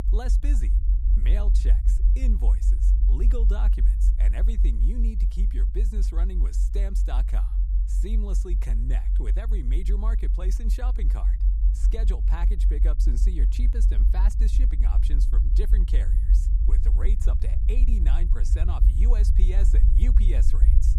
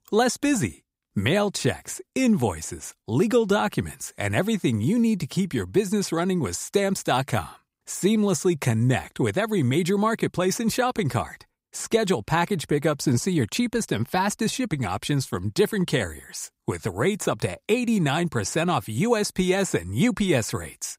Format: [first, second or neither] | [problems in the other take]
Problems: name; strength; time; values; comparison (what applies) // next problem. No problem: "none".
second | low rumble; loud; throughout; 3 dB below the speech